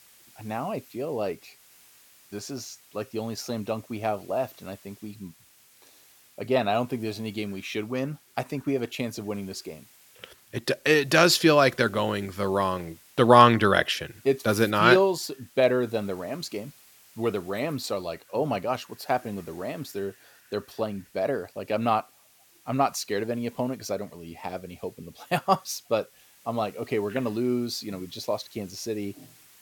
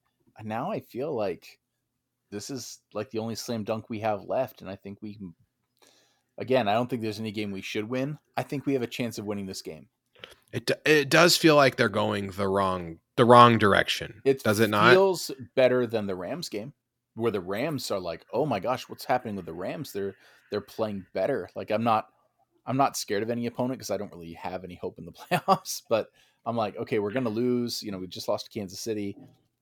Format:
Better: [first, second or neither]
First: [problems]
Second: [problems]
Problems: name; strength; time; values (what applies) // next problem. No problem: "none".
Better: second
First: hiss; faint; throughout; 25 dB below the speech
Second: none